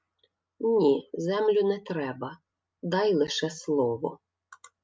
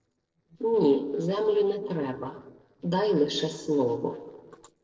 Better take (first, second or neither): first